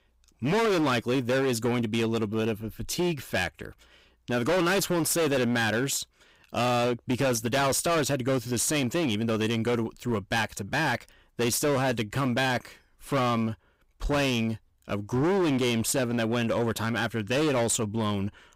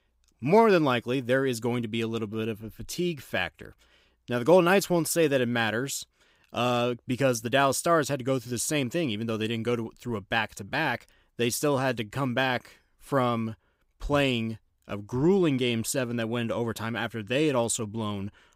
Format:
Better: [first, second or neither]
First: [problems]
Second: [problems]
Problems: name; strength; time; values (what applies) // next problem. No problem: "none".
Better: second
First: distortion; heavy; 19% of the sound clipped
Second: none